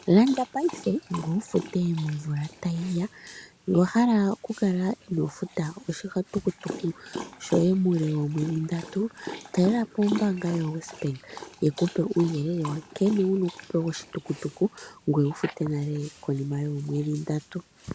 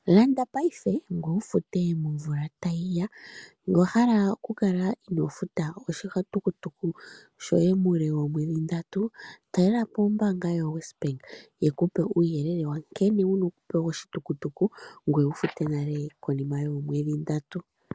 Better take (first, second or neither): second